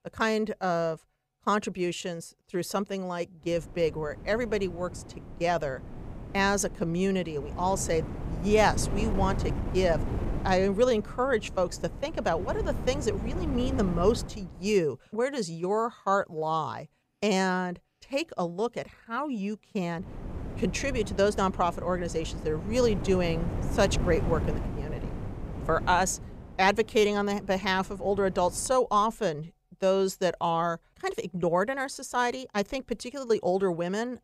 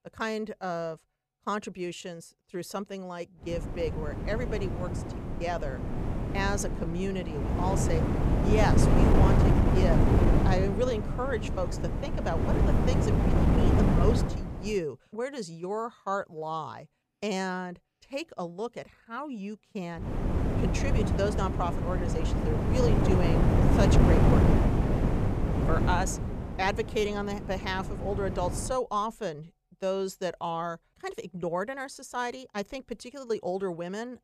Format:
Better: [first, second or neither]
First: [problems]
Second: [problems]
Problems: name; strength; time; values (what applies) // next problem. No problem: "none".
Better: first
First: wind noise on the microphone; occasional gusts; from 3.5 to 15 s and from 20 to 29 s; 15 dB below the speech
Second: wind noise on the microphone; heavy; from 3.5 to 15 s and from 20 to 29 s; as loud as the speech